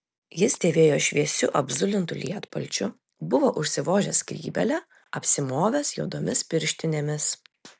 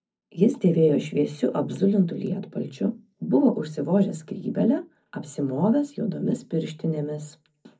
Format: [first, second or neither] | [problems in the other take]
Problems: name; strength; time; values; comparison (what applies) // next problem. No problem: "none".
first | room echo; dies away in 0.4 s